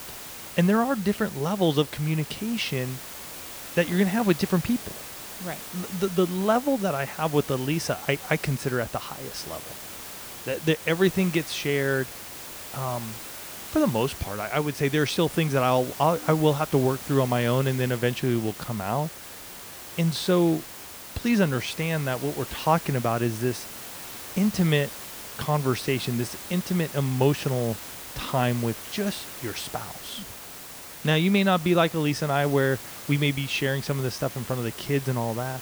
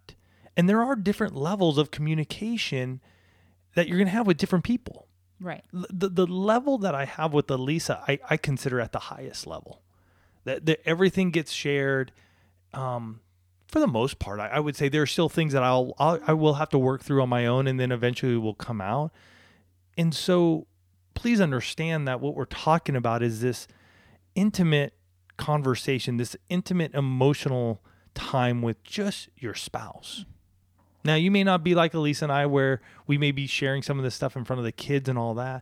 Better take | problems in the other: second | hiss; noticeable; throughout; 10 dB below the speech

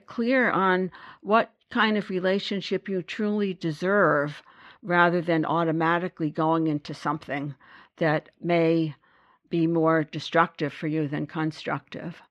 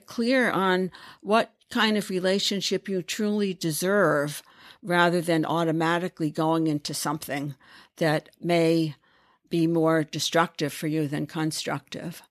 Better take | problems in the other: second | muffled; slightly; fading above 2.5 kHz

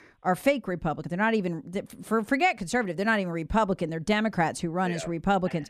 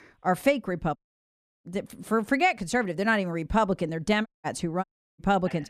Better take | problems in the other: first | audio cutting out; at 1 s for 0.5 s, at 4.5 s and at 5 s

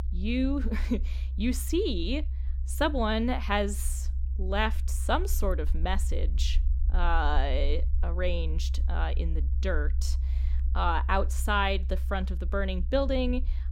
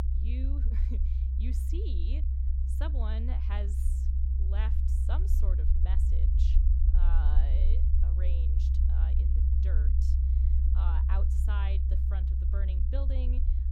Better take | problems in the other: first | low rumble; loud; throughout; 1 dB below the speech; faint in the first

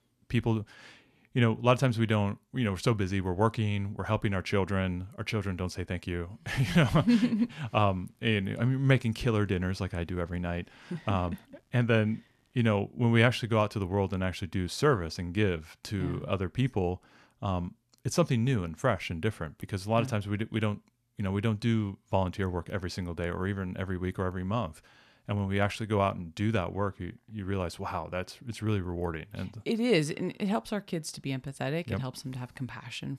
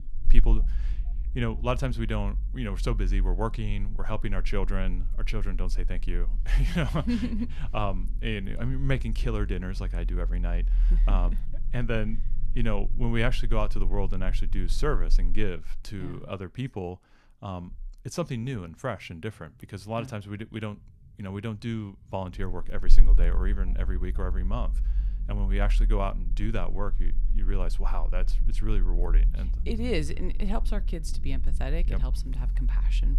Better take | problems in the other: first | low rumble; noticeable; throughout; 20 dB below the speech

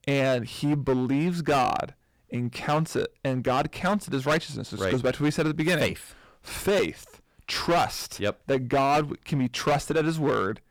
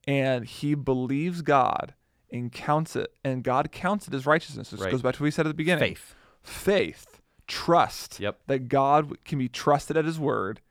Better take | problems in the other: second | distortion; heavy; 10% of the sound clipped

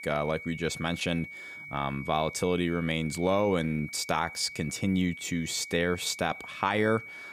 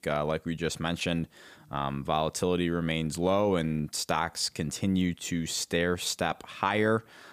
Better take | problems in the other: second | high-pitched whine; noticeable; throughout; 2.5 kHz, 10 dB below the speech

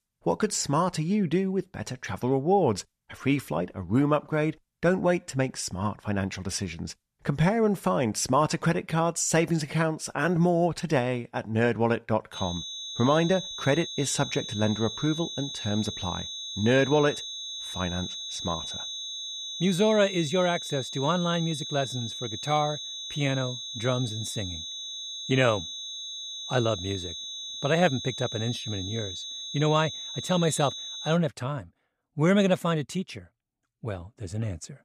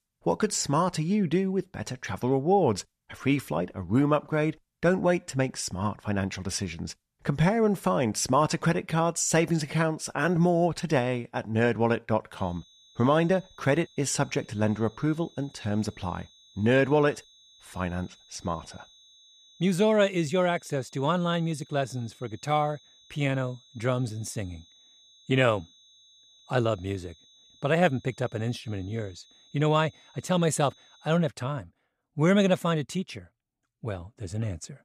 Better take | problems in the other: second | high-pitched whine; loud; from 12 to 31 s; 4 kHz, 7 dB below the speech; faint in the second

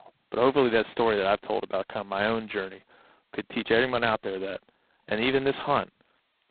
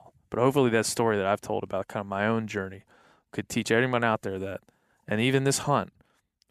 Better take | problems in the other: second | phone-call audio; poor line; nothing above 4 kHz

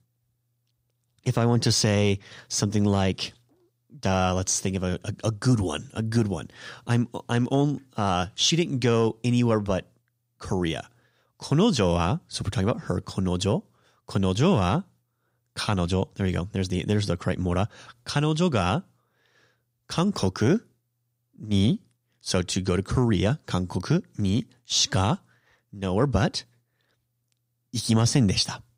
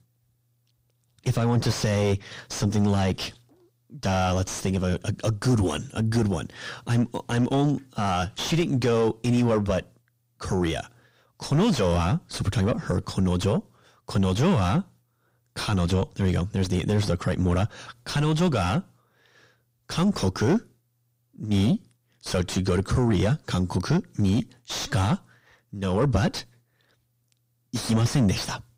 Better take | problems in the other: first | distortion; heavy; 6 dB below the speech

